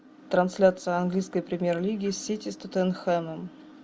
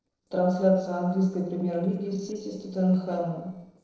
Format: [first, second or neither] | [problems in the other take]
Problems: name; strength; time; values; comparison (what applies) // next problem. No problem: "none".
first | noise reduction (neural separator model SepFormer DNS4)